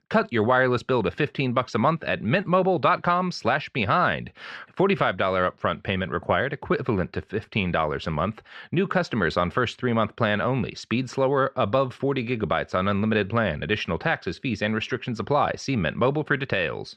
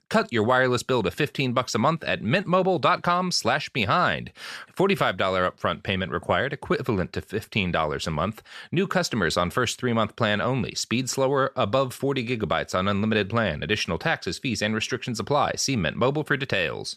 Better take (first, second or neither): second